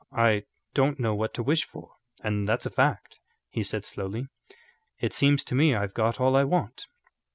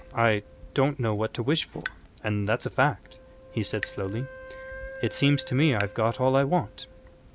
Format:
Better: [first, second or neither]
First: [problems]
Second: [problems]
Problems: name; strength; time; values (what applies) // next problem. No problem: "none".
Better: first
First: none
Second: background sound (Drip / Water tap, faucet + Wind instrument, woodwind instrument); 15 dB below the speech